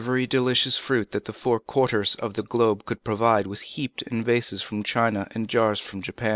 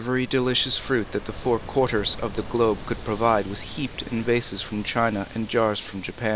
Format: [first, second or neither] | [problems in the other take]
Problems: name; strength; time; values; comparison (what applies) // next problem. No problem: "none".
first | background sound (Ocean); 13 dB below the speech